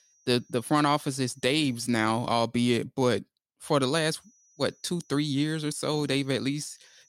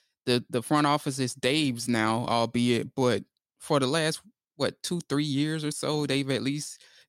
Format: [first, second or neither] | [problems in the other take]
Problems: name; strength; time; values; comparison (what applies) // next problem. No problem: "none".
second | high-pitched whine; faint; until 2.5 s and from 4 s on; 6 kHz, 35 dB below the speech